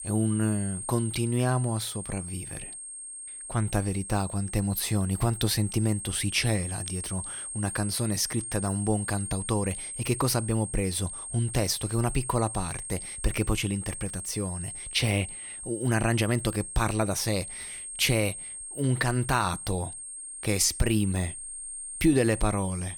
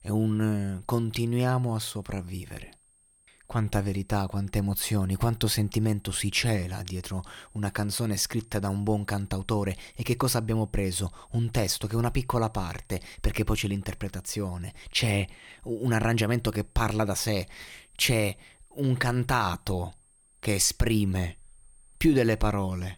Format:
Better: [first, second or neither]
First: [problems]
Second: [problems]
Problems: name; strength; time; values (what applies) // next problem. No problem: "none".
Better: second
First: high-pitched whine; loud; throughout; 8.5 kHz, 8 dB below the speech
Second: high-pitched whine; faint; throughout; 8.5 kHz, 30 dB below the speech